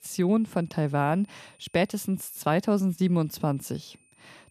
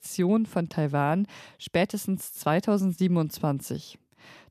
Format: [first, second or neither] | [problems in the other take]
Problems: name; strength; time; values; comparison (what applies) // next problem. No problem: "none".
second | high-pitched whine; faint; throughout; 9 kHz, 35 dB below the speech